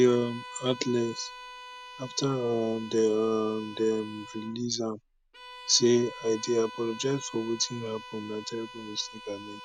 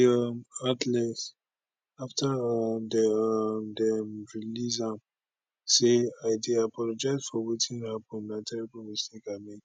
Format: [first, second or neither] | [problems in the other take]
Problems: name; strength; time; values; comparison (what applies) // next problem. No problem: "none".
second | background sound (Bowed string instrument); 15 dB below the speech